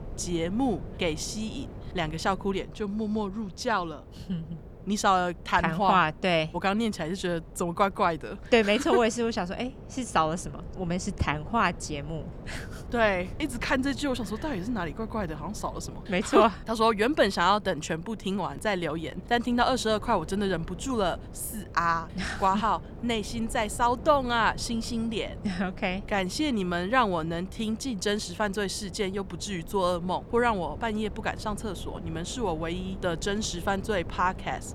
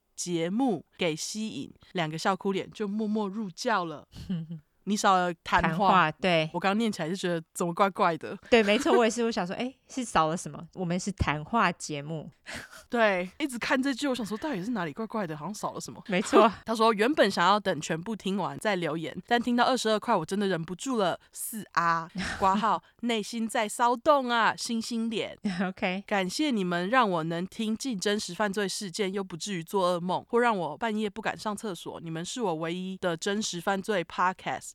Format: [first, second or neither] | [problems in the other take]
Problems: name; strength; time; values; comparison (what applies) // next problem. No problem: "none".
second | wind noise on the microphone; occasional gusts; 20 dB below the speech